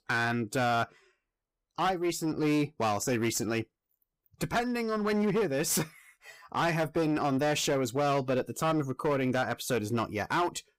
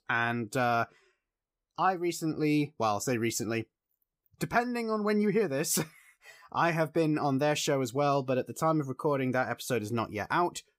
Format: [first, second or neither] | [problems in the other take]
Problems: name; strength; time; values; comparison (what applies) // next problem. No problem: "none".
second | distortion; slight; 13% of the sound clipped